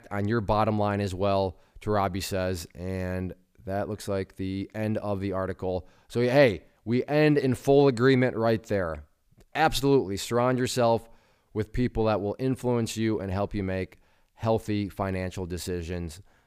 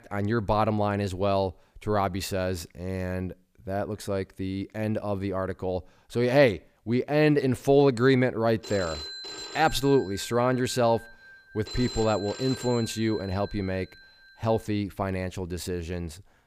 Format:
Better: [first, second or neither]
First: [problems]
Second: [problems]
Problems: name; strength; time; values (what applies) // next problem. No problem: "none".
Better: first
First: none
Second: phone ringing; noticeable; from 8.5 to 15 s; peak 9 dB below the speech